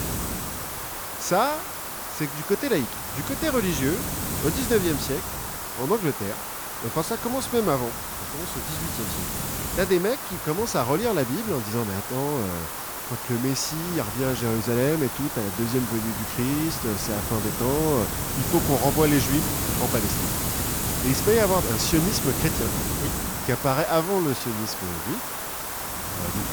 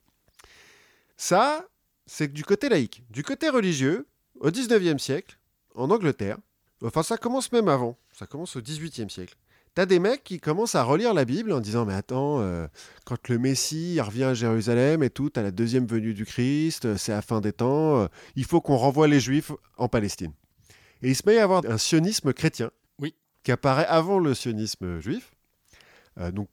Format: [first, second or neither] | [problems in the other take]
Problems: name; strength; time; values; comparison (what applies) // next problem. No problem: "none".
second | hiss; loud; throughout; 2 dB below the speech